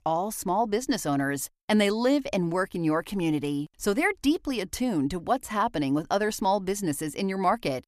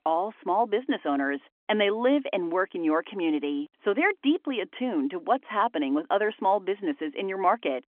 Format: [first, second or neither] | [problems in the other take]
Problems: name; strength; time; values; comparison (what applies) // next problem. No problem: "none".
first | phone-call audio; nothing above 3.5 kHz